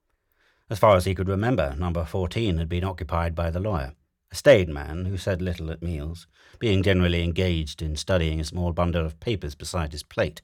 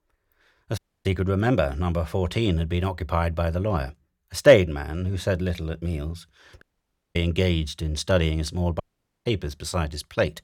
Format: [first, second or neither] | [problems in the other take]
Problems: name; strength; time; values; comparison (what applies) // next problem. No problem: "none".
first | audio cutting out; at 1 s, at 6.5 s for 0.5 s and at 9 s